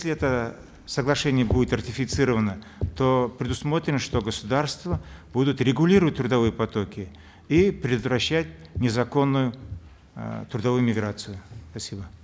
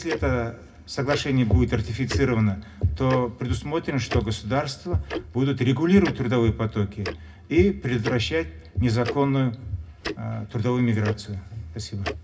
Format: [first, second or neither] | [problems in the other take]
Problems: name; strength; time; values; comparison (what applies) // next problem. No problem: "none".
first | background sound (Tick-tock); 14 dB below the speech // room echo; dies away in 0.4 s